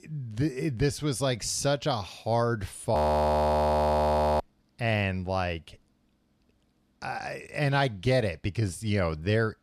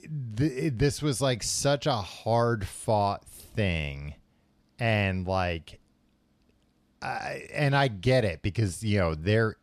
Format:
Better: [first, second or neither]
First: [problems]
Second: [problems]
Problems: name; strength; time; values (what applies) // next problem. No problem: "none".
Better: second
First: audio freezing; at 3 s for 1.5 s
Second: none